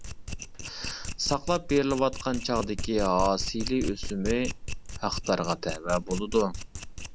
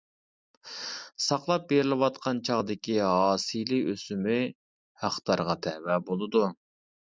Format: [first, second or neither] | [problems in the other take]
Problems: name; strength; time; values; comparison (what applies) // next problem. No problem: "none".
second | background sound (Domestic sounds, home sounds); 6 dB below the speech